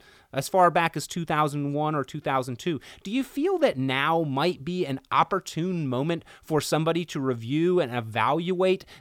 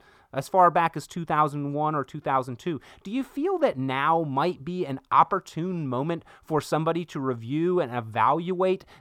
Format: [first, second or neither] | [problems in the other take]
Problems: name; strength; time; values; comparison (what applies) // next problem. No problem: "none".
first | muffled; slightly; fading above 2 kHz